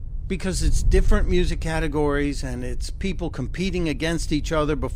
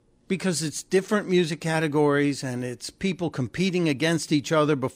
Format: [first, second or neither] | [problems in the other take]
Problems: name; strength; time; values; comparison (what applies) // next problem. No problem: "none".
second | wind noise on the microphone; occasional gusts; 20 dB below the speech